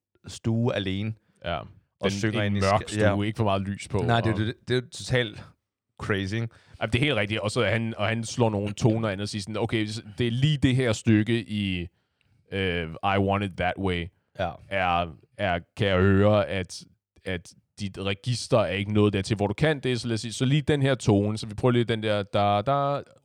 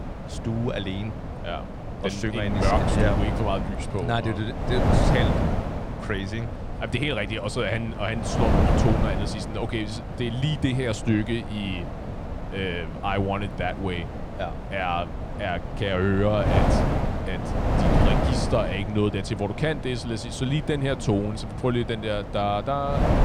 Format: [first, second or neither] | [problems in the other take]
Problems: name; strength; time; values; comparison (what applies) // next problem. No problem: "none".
first | wind noise on the microphone; heavy; 3 dB below the speech